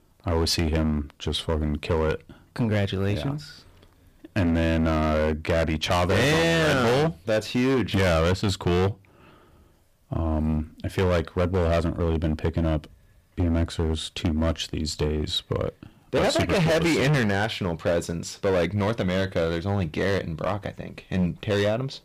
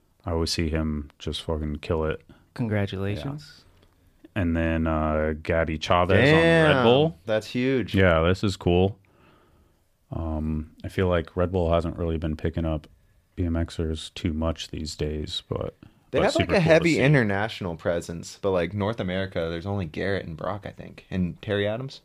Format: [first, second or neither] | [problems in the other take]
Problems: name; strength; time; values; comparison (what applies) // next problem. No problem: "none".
second | distortion; heavy; 14% of the sound clipped